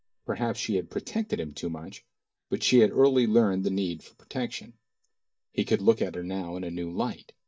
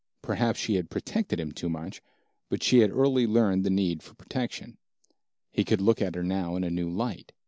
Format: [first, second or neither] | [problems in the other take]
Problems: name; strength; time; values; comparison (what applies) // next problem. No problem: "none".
second | noise reduction (neural mask model DeepFilterNet 3)